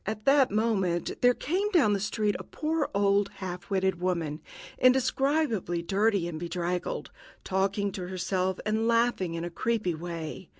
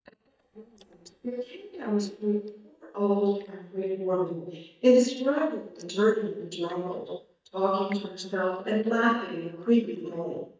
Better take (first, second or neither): first